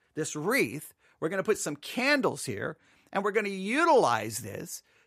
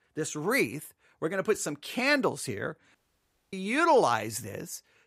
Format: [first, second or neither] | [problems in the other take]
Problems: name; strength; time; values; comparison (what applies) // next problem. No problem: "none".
first | audio cutting out; at 3 s for 0.5 s